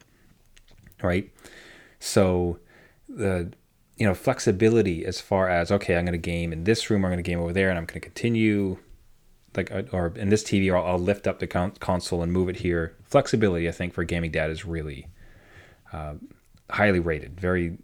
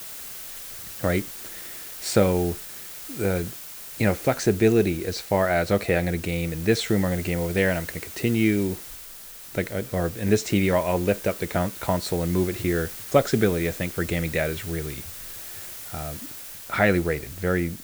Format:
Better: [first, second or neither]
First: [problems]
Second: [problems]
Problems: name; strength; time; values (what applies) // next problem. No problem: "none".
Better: first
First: none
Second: hiss; noticeable; throughout; 10 dB below the speech